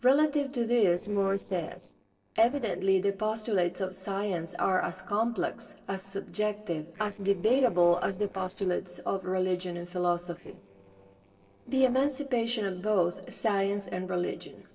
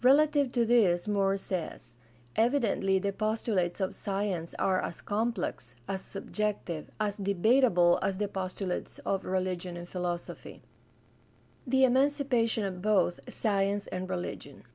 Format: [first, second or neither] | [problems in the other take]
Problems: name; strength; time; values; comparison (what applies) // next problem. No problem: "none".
second | noise reduction (neural separator model SepFormer DNS4)